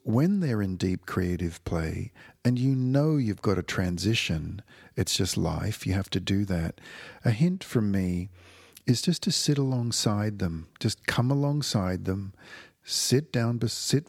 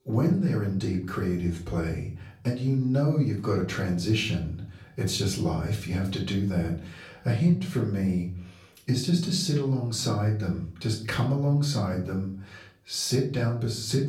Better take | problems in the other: first | off-mic speech; far // room echo; slight; dies away in 0.4 s

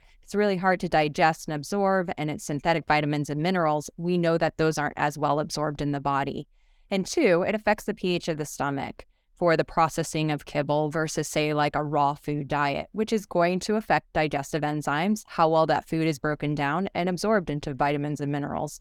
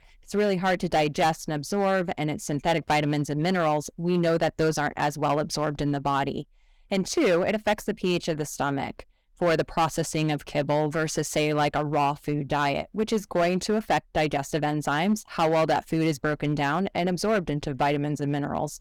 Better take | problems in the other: first | distortion; slight; 6% of the sound clipped

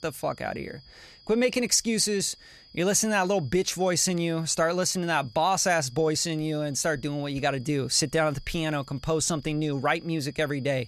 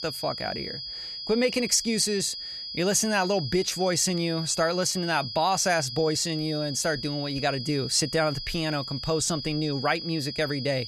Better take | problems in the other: first | high-pitched whine; loud; throughout; 5 kHz, 8 dB below the speech; faint in the first

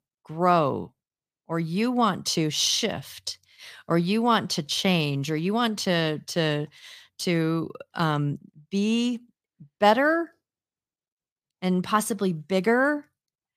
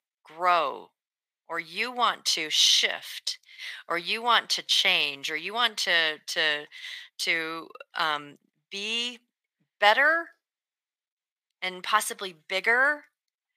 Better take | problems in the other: first | thin; very; fading below 700 Hz

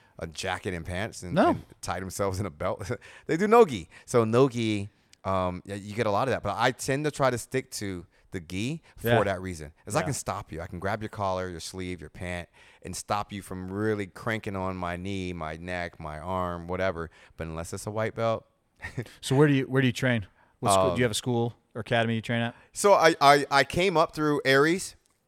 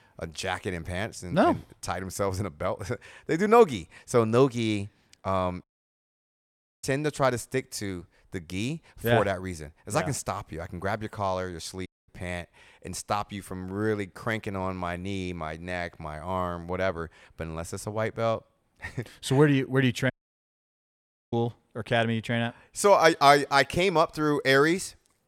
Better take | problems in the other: first | audio cutting out; at 5.5 s for 1 s, at 12 s and at 20 s for 1 s

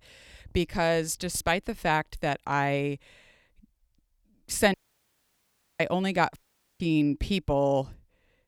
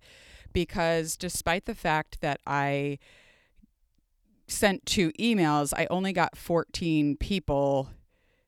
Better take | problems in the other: second | audio cutting out; at 4.5 s for 1 s and at 6.5 s

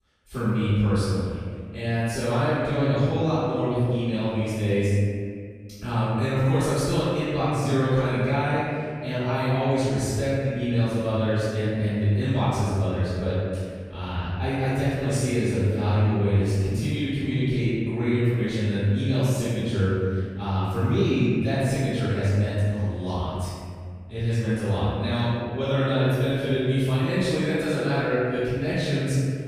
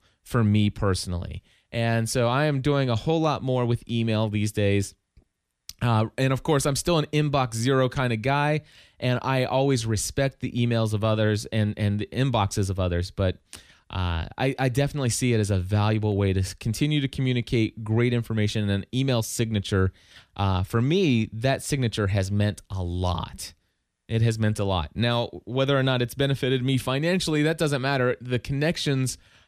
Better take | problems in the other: second | off-mic speech; far // room echo; strong; dies away in 2 s

